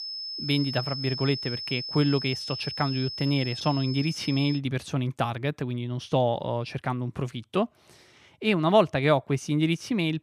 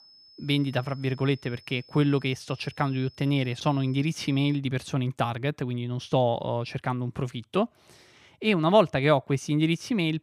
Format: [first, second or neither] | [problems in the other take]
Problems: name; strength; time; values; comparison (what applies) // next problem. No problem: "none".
second | high-pitched whine; loud; until 4.5 s; 5 kHz, 6 dB below the speech; faint in the second